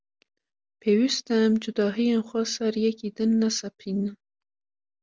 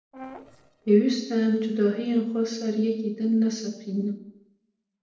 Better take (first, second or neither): first